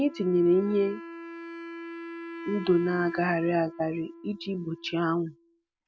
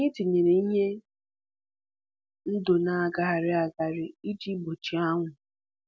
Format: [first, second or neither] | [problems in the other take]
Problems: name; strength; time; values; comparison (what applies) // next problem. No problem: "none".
second | background sound (Wind instrument, woodwind instrument); 14 dB below the speech